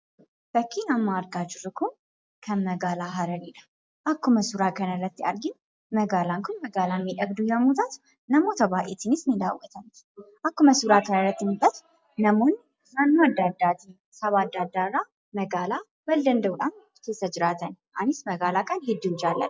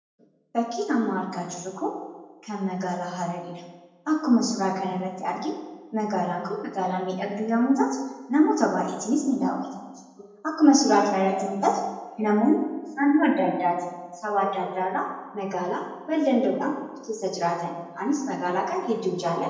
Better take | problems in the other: first | room echo; dies away in 0.9 s

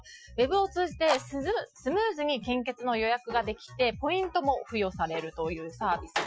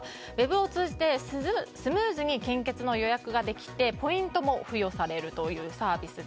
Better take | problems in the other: second | noise reduction (classical method Wiener filter)

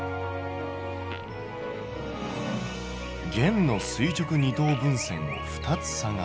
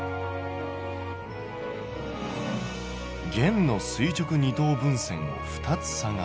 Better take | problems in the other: second | background sound (Chirp, tweet + Fart); 18 dB below the speech

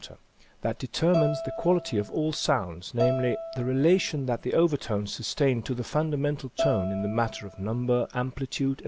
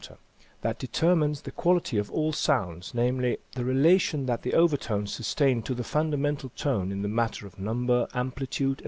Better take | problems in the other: second | background sound (Bowed string instrument); 7 dB below the speech

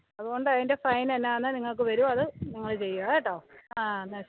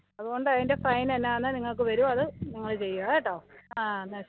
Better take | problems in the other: first | background sound (Bass guitar); 16 dB below the speech

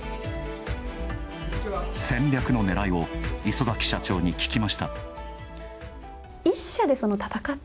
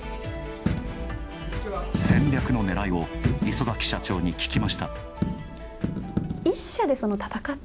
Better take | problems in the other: first | background sound (Coin (dropping)); 3 dB below the speech

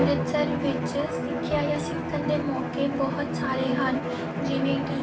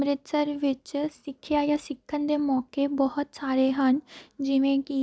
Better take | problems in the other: second | background sound (Bowed string instrument); as loud as the speech // room echo; dies away in 0.2 s

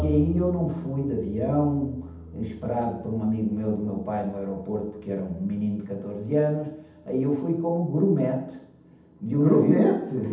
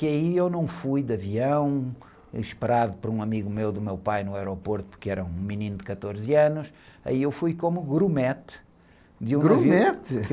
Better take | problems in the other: second | background sound (Bowed string instrument); 15 dB below the speech // room echo; dies away in 0.8 s

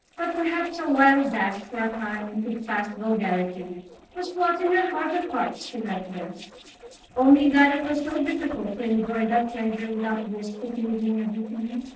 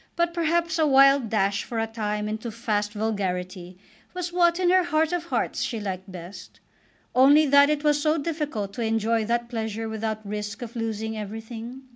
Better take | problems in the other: second | noise reduction (neural separator model SepFormer DNS4)

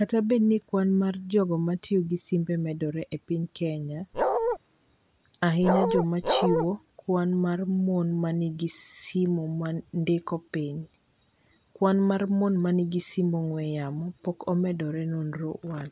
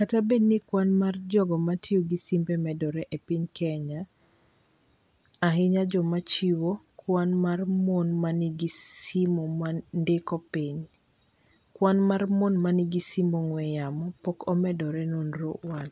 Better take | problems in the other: second | background sound (Bark); 2 dB above the speech

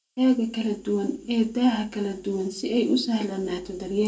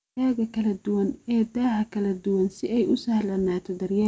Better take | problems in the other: second | room echo; dies away in 0.2 s

